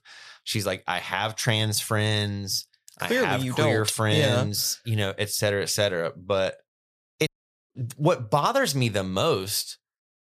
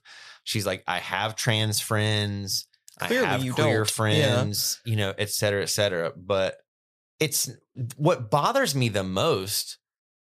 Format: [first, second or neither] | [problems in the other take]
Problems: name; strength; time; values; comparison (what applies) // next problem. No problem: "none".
second | audio cutting out; at 7.5 s